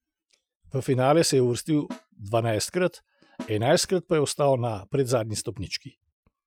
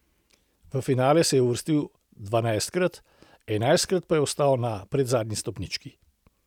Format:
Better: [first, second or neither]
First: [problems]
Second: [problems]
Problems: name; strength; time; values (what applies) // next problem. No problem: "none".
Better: second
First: noise reduction (classical method Wiener filter)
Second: none